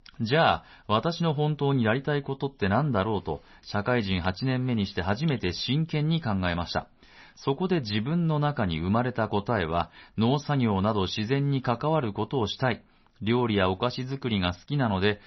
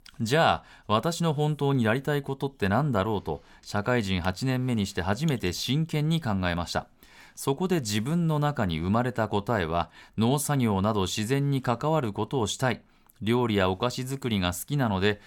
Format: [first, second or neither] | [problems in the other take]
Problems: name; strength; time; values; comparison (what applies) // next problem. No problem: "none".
second | garbled, watery; slightly; nothing above 6 kHz